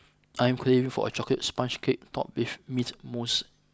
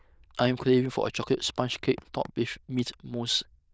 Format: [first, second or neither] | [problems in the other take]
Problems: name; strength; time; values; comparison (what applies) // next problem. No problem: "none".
first | noise reduction (neural diffusion model UNIVERSE++)